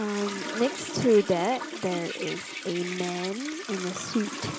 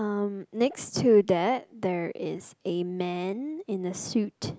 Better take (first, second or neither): second